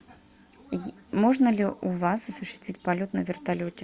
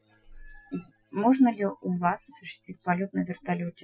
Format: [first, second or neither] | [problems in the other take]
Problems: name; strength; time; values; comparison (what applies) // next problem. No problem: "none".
first | noise reduction (classical method Wiener filter)